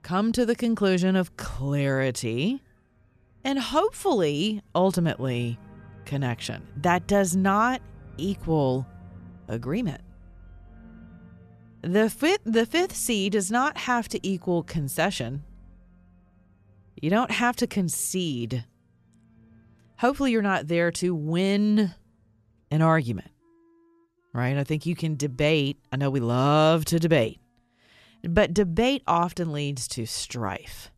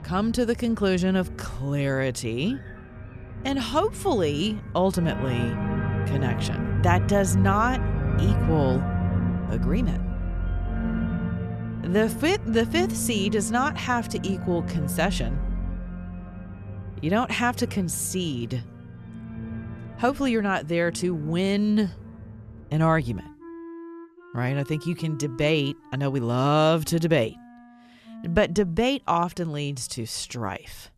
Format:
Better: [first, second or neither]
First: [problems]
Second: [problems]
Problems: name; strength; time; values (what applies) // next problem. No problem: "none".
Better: first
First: background music; faint; throughout; 25 dB below the speech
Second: background music; loud; throughout; 5 dB below the speech